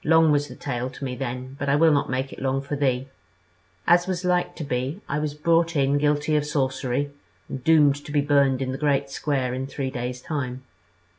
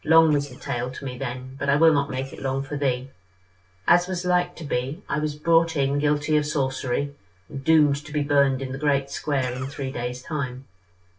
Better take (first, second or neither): first